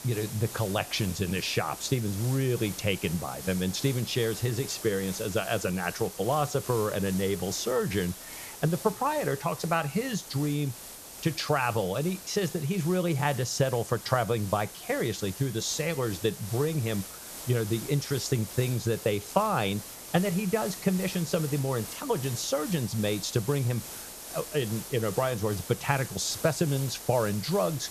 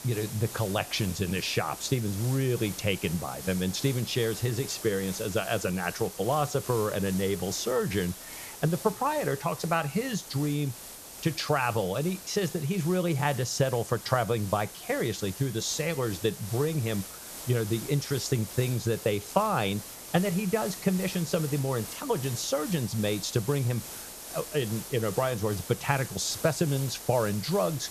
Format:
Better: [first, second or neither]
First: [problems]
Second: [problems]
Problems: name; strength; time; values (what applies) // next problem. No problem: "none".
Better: neither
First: hiss; noticeable; throughout; 10 dB below the speech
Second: hiss; noticeable; throughout; 10 dB below the speech